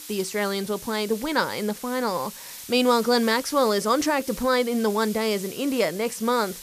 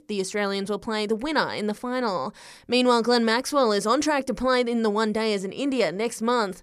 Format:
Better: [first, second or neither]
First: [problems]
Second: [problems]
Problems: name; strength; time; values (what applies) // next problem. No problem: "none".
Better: second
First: hiss; noticeable; throughout; 15 dB below the speech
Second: none